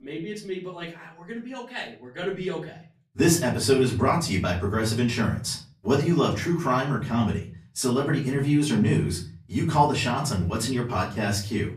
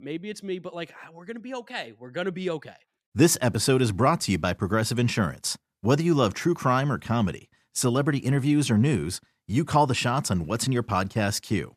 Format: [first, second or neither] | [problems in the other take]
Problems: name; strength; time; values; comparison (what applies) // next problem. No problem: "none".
second | off-mic speech; far // room echo; slight; dies away in 0.4 s